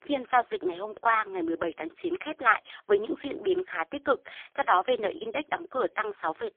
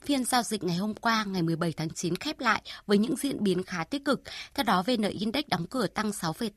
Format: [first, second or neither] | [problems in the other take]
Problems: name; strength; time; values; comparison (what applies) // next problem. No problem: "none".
second | phone-call audio; poor line; nothing above 3.5 kHz